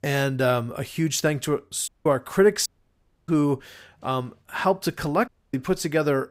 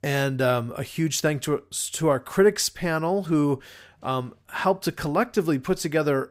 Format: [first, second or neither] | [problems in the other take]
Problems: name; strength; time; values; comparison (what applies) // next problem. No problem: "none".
second | audio cutting out; at 2 s, at 2.5 s for 0.5 s and at 5.5 s